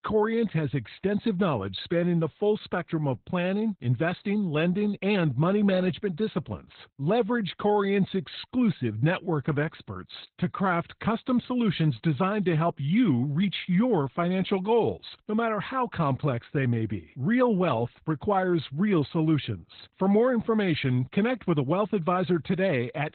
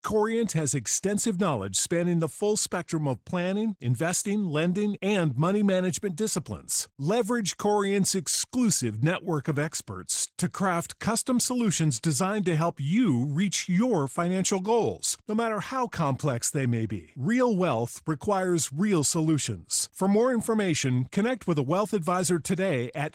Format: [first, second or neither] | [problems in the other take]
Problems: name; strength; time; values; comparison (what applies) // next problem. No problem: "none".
second | garbled, watery; badly; nothing above 4 kHz; slightly in the second